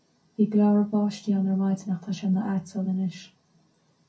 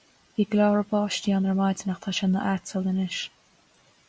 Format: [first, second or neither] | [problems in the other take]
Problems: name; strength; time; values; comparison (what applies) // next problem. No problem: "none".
second | room echo; dies away in 0.3 s